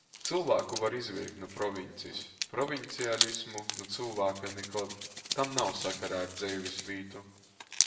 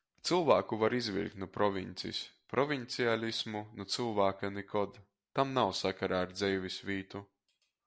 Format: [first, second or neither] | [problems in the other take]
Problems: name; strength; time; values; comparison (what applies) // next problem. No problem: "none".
second | background sound (Hands); 3 dB below the speech // room echo; dies away in 0.7 s